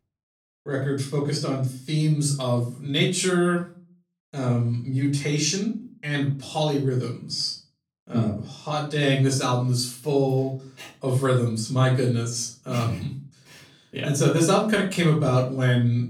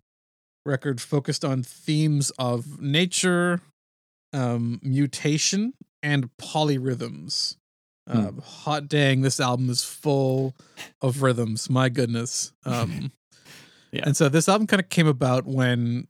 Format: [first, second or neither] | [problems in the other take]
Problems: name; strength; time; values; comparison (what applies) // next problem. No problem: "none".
second | off-mic speech; far // room echo; slight; dies away in 0.3 s